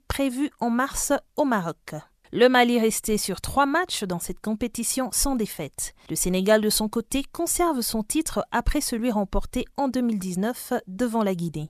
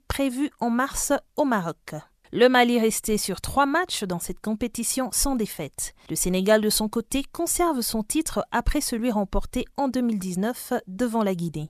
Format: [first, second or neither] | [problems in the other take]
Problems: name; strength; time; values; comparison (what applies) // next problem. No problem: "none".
neither | none